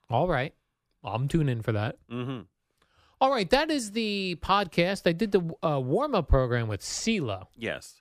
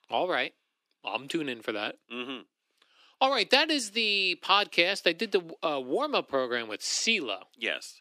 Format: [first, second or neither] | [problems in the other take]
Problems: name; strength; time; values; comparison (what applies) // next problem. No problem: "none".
first | thin; somewhat; fading below 300 Hz